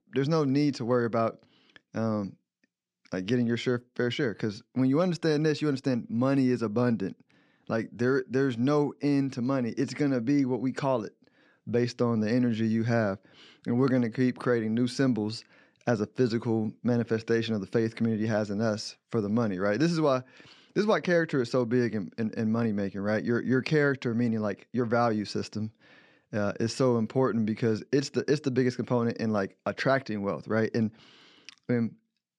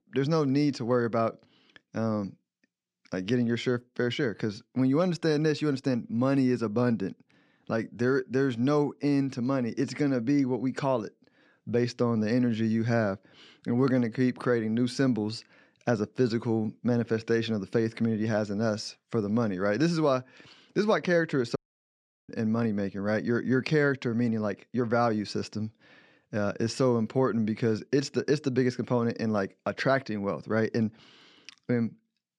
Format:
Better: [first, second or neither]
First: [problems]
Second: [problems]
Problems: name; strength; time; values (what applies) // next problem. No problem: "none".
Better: first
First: none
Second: audio cutting out; at 22 s for 0.5 s